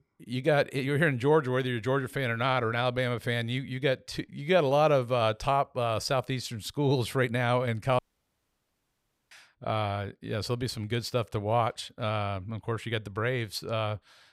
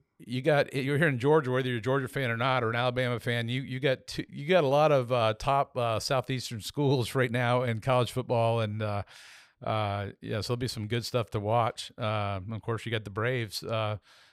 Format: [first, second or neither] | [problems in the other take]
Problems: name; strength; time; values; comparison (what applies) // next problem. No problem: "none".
second | audio cutting out; at 8 s for 1.5 s